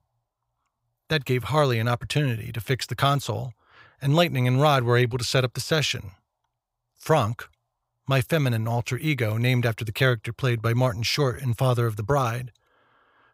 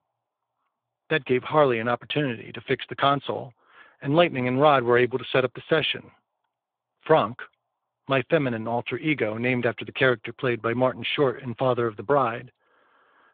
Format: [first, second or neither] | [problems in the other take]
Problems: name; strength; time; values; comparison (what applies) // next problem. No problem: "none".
first | phone-call audio